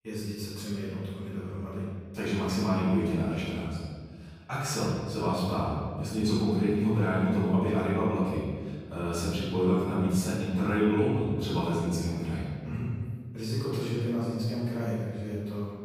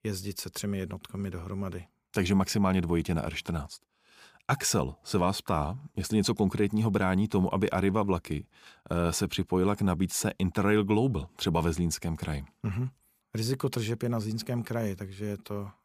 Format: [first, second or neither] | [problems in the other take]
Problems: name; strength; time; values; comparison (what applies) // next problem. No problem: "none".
second | room echo; strong; dies away in 1.7 s // off-mic speech; far